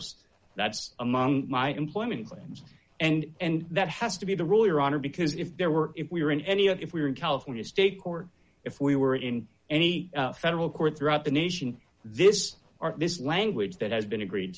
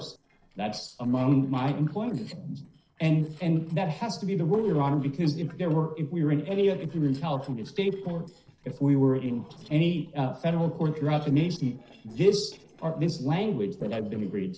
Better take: first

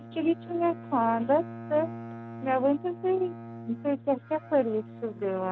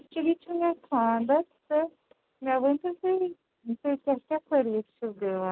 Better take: second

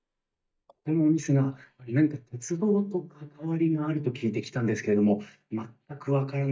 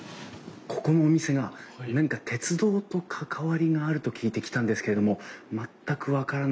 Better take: second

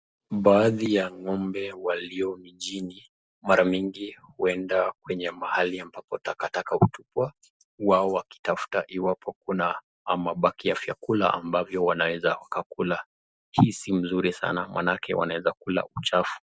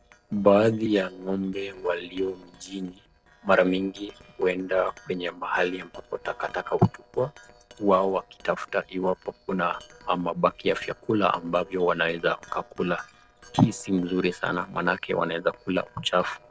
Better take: first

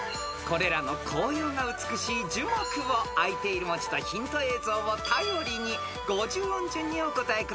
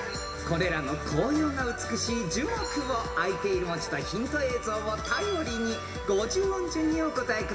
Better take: first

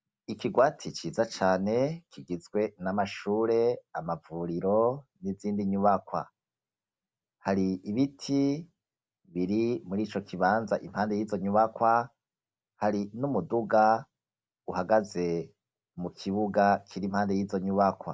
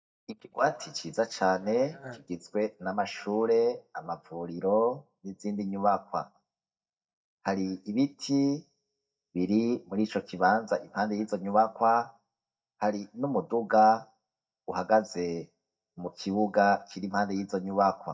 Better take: first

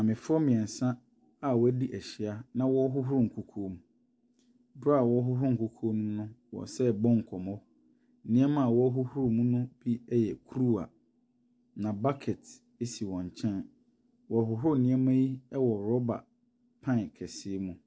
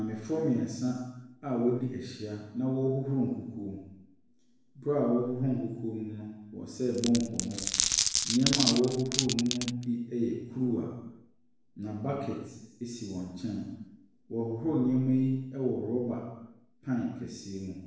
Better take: first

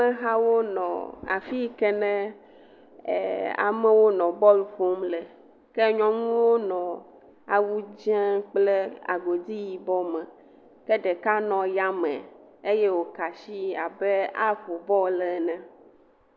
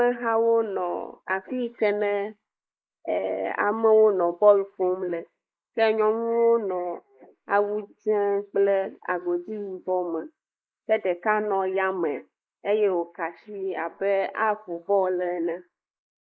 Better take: first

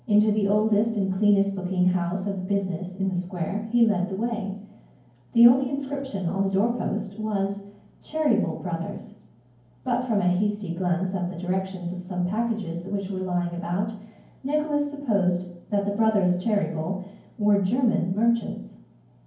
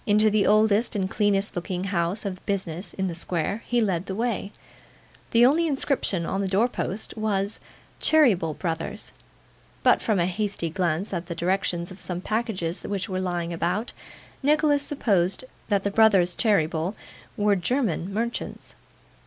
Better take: second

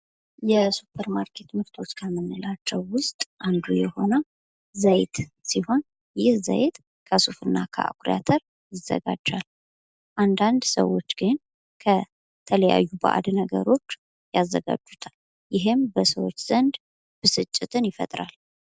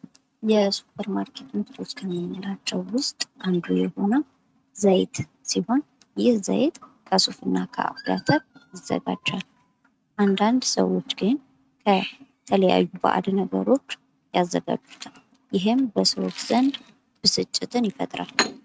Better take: first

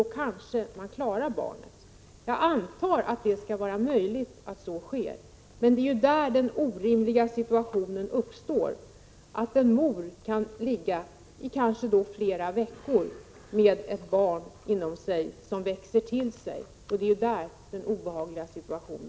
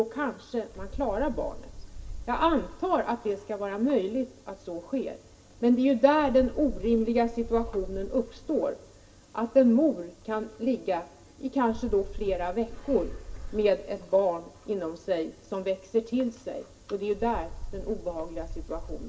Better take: first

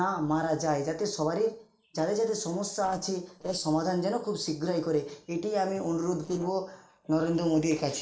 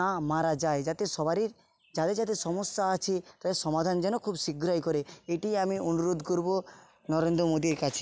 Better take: second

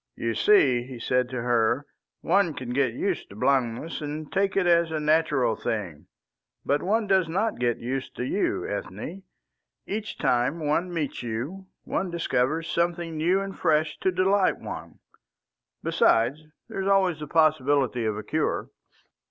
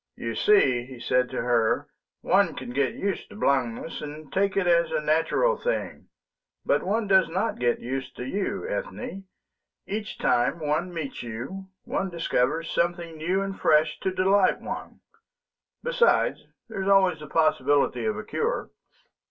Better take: first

